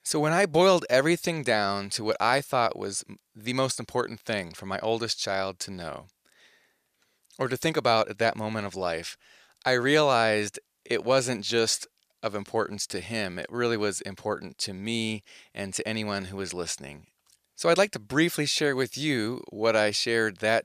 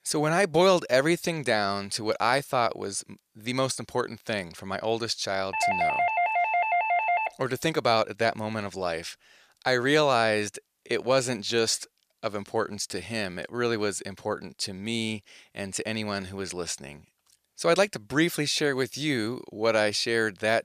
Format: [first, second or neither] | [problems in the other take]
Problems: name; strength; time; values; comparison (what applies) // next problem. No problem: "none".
first | doorbell; loud; from 5.5 to 7.5 s; peak 3 dB above the speech